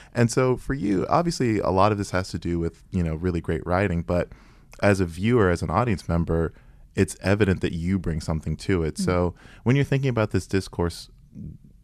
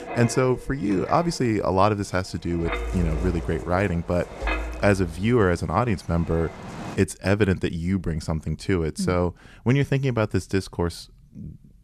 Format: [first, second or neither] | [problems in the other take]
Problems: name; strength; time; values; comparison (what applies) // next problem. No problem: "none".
first | wind noise on the microphone; heavy; until 7 s; 9 dB below the speech